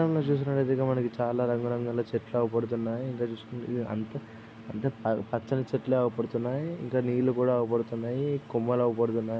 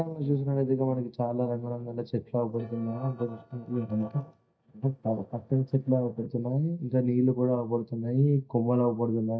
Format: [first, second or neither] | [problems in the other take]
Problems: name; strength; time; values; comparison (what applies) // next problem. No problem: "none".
first | noise reduction (neural mask model DeepFilterNet 3)